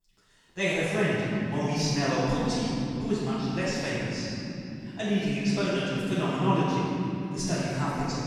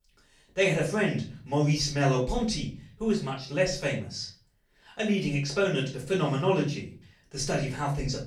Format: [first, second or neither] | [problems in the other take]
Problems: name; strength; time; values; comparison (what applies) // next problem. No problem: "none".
second | room echo; strong; dies away in 3 s; slight in the second // off-mic speech; far; far in the second